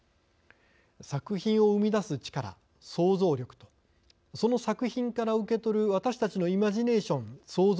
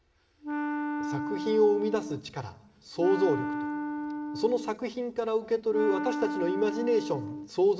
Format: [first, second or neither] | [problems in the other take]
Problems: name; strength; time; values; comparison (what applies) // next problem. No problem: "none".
first | background sound (Wind instrument, woodwind instrument); 5 dB below the speech // room echo; dies away in 1.2 s